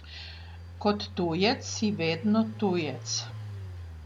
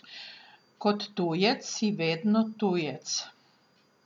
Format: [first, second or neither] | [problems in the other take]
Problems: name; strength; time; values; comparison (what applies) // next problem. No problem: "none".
second | background sound (Engine); 11 dB below the speech